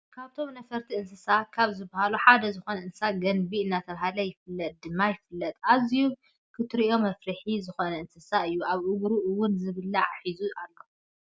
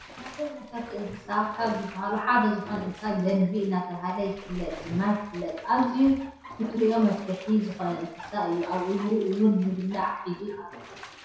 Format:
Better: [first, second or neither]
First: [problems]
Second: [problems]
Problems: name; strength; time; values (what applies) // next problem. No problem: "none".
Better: first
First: none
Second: background sound (Bathtub (filling or washing)); 17 dB below the speech // room echo; dies away in 0.7 s